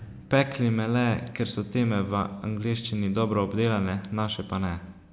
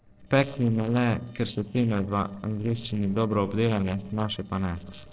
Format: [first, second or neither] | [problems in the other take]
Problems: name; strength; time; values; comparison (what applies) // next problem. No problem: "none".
first | noise reduction (neural separator model SepFormer DNS4)